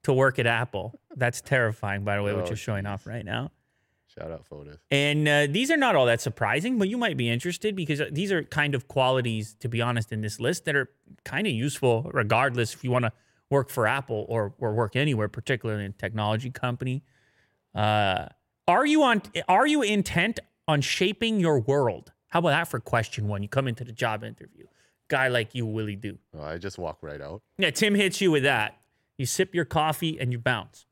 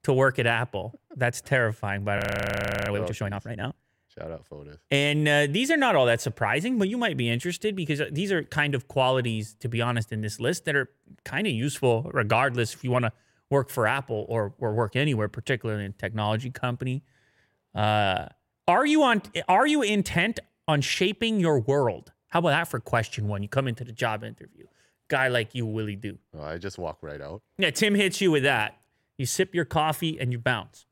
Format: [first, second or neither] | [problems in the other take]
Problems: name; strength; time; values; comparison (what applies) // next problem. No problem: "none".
first | audio freezing; at 2 s for 0.5 s